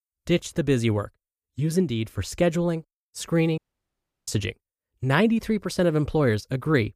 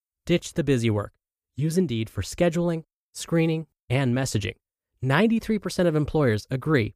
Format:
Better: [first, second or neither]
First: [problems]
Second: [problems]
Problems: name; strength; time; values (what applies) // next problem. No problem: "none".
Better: second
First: audio cutting out; at 3.5 s for 0.5 s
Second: none